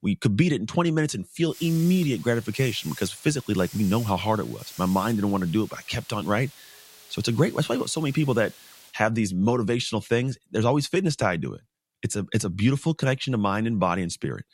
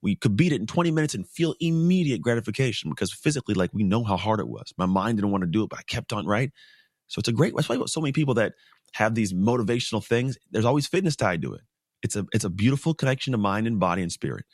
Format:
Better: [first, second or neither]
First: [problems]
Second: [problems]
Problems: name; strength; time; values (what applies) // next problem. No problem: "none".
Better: second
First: hiss; noticeable; from 1.5 to 9 s; 20 dB below the speech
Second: none